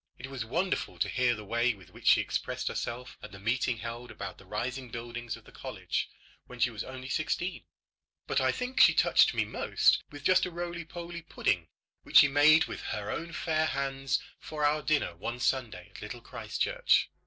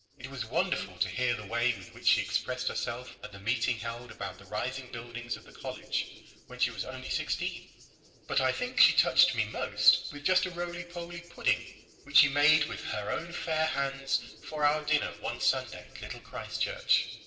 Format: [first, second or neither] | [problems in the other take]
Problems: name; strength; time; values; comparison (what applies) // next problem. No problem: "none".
first | noise reduction (neural separator model SepFormer DNS4)